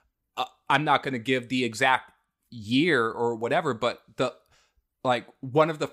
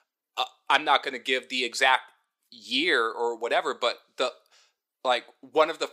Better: first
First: none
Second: thin; somewhat; fading below 400 Hz

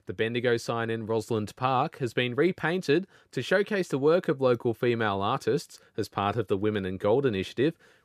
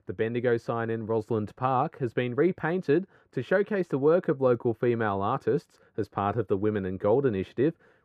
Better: first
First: none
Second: muffled; slightly; fading above 2.5 kHz

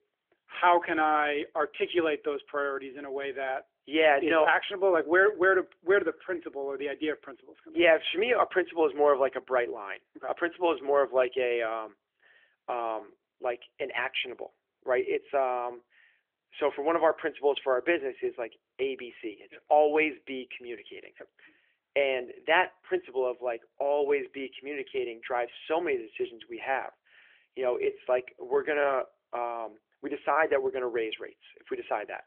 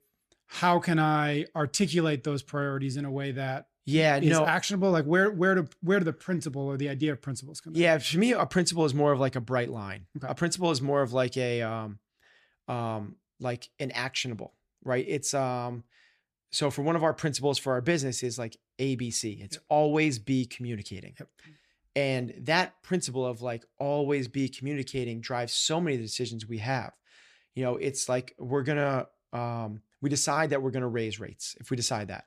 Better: second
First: phone-call audio; nothing above 3.5 kHz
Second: none

